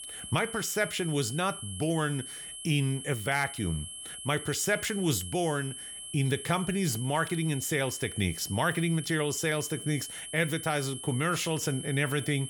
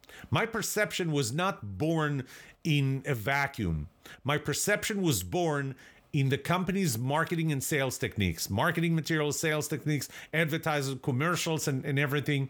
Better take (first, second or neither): second